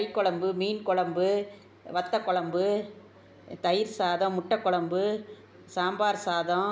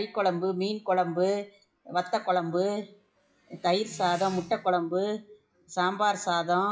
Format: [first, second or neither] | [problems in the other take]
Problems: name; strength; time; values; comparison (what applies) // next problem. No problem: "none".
first | noise reduction (classical method WPE with log-MMSE)